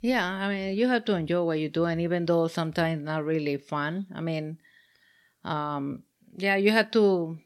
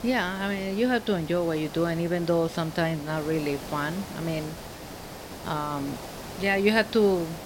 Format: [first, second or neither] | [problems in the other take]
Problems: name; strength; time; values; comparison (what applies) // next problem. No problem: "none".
first | hiss; noticeable; throughout; 15 dB below the speech